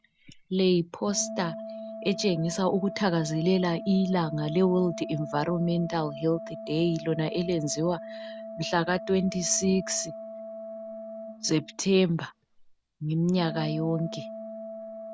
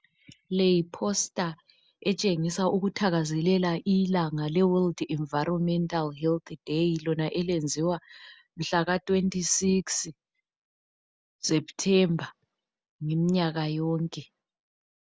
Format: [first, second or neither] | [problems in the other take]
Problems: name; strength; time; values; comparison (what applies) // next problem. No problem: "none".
second | background sound (Organ); 12 dB below the speech